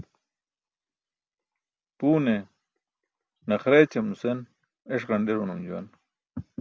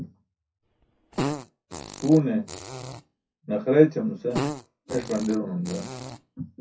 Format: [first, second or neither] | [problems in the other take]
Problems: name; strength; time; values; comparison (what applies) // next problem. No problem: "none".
first | noise reduction (classical method WPE with log-MMSE)